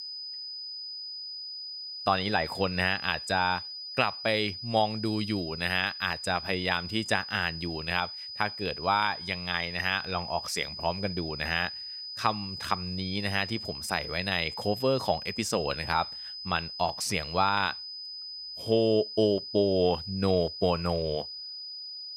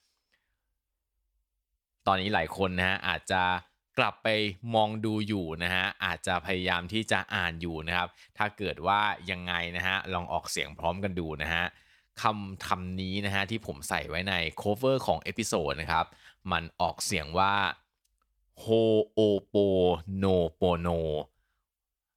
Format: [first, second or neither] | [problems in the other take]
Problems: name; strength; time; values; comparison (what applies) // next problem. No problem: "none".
second | high-pitched whine; loud; throughout; 5 kHz, 8 dB below the speech